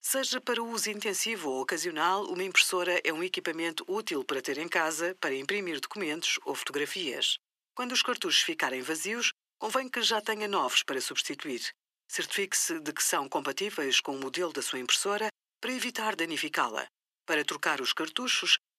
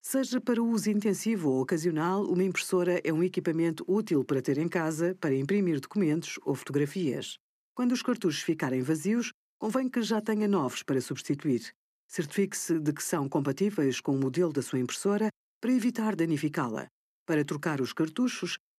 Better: second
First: thin; very; fading below 700 Hz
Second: none

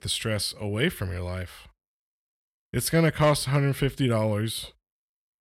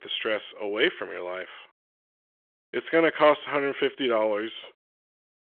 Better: first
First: none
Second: phone-call audio

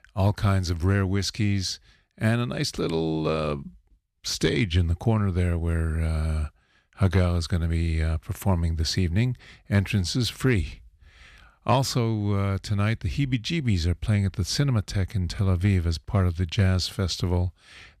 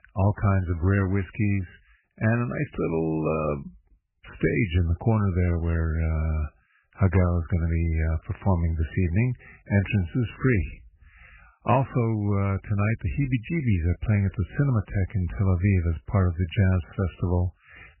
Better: first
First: none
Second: garbled, watery; badly; nothing above 3 kHz

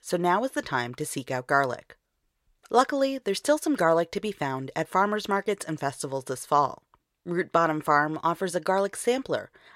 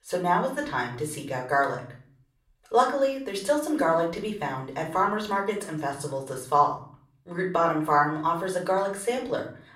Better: first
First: none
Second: off-mic speech; far // room echo; slight; dies away in 0.5 s

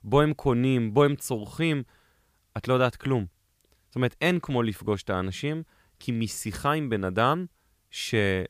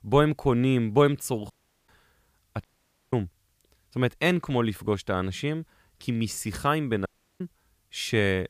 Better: first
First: none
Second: audio cutting out; at 1.5 s, at 2.5 s and at 7 s

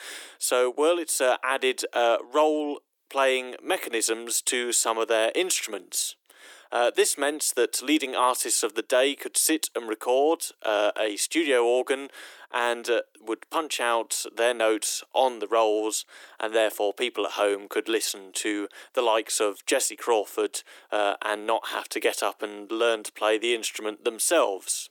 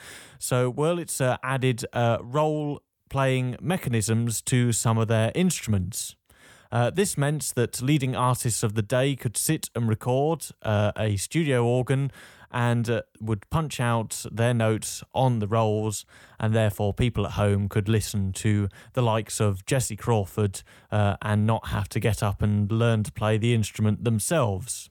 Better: second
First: thin; very; fading below 300 Hz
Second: none

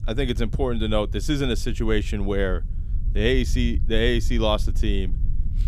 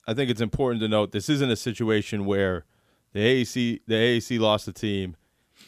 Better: second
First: low rumble; faint; throughout; 20 dB below the speech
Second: none

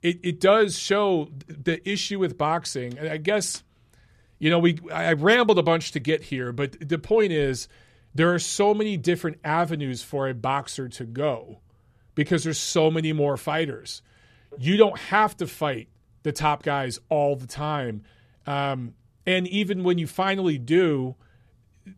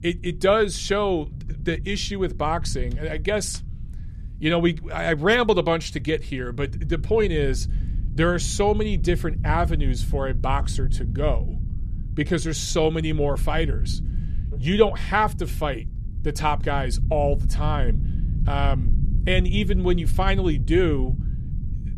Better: first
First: none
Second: low rumble; noticeable; throughout; 20 dB below the speech

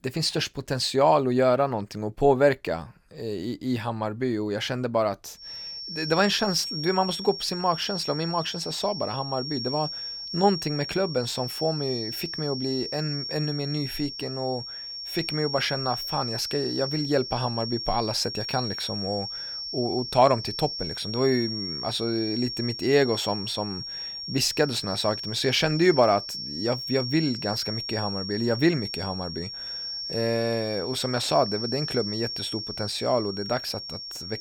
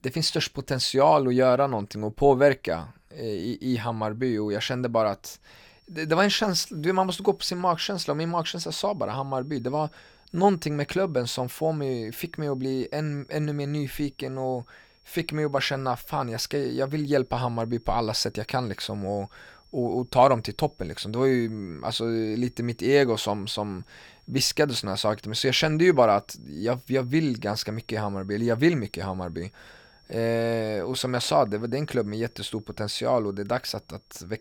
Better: second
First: high-pitched whine; loud; from 5.5 s on; 5.5 kHz, 5 dB below the speech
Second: high-pitched whine; faint; from 5.5 s on; 5.5 kHz, 35 dB below the speech

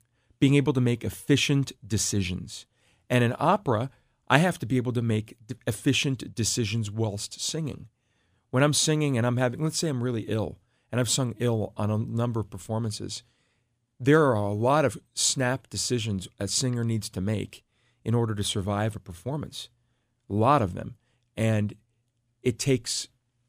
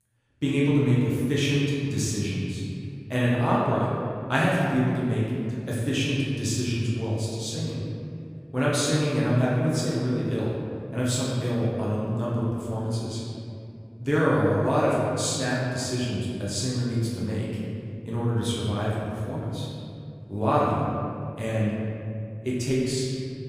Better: first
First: none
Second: room echo; strong; dies away in 2.4 s // off-mic speech; far

